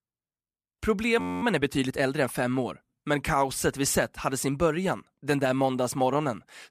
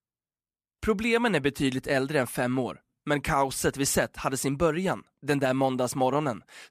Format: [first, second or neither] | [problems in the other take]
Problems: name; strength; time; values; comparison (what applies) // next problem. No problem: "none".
second | audio freezing; at 1 s